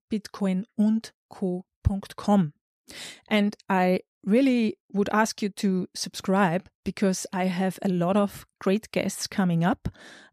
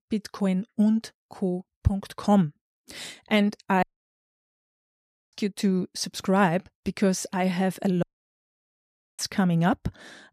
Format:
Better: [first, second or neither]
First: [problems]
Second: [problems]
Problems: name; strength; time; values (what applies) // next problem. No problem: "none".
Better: first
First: none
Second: audio cutting out; at 4 s for 1.5 s and at 8 s for 1 s